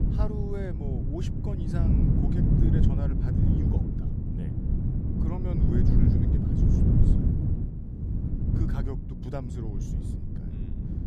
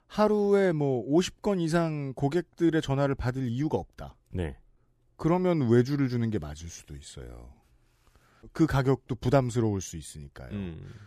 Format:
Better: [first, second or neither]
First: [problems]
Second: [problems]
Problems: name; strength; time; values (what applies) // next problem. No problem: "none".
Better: second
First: wind noise on the microphone; heavy; 4 dB above the speech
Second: none